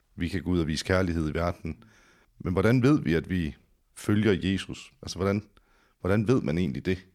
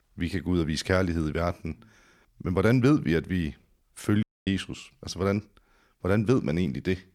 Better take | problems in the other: first | audio cutting out; at 4 s

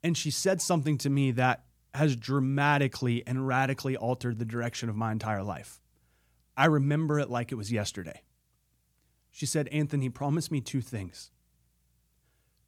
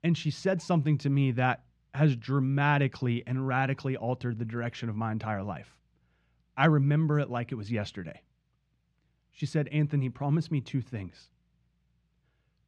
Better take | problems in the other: first | muffled; slightly; fading above 3 kHz

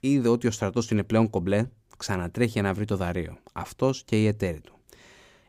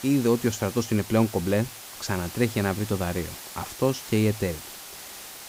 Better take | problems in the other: first | hiss; noticeable; throughout; 10 dB below the speech

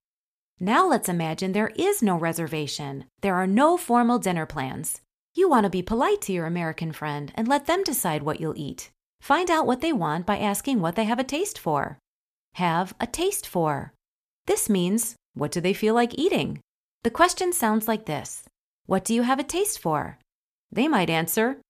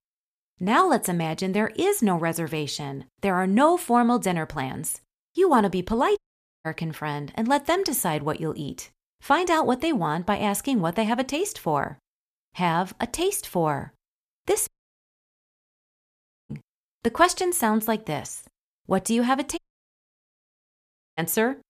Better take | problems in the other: first | audio cutting out; at 6 s, at 15 s for 2 s and at 20 s for 1.5 s

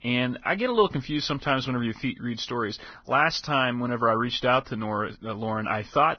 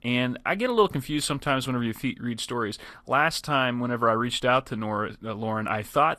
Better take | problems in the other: second | garbled, watery; badly; nothing above 6 kHz; slightly in the second

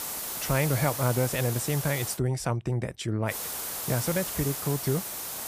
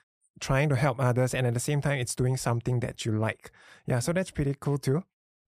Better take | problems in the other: second | hiss; loud; until 2 s and from 3.5 s on; 4 dB below the speech

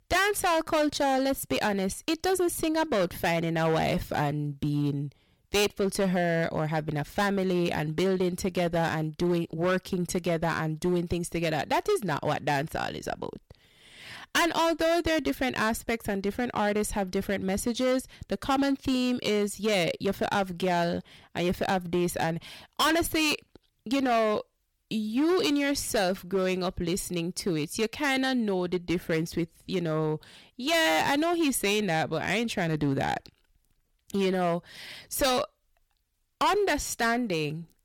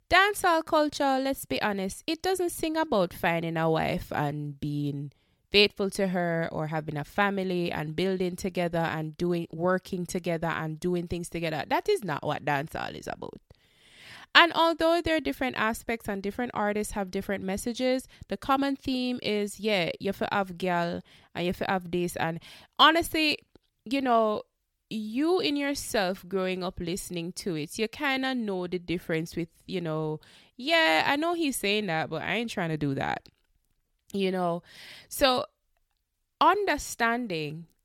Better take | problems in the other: second | distortion; heavy; 10% of the sound clipped

